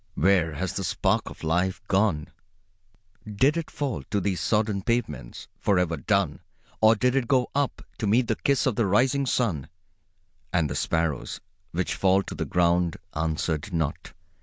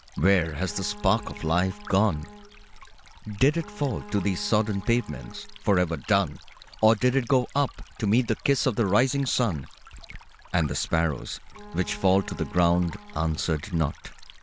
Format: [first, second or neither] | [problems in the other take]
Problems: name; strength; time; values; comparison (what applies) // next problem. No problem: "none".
first | background sound (Stream + Bowed string instrument); 18 dB below the speech